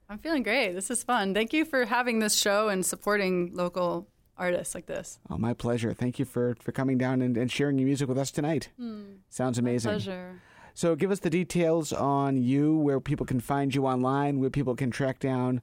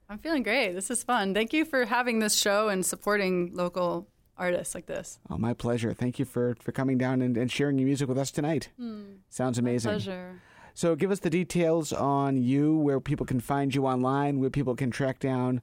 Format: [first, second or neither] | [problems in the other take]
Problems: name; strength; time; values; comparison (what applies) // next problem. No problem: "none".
neither | none